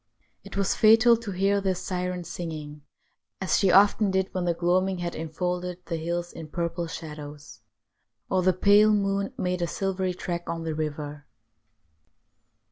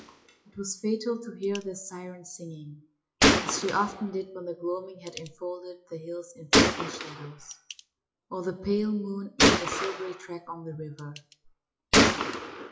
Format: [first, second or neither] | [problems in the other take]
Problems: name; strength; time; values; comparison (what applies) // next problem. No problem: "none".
first | noise reduction (classical method WPE with log-MMSE)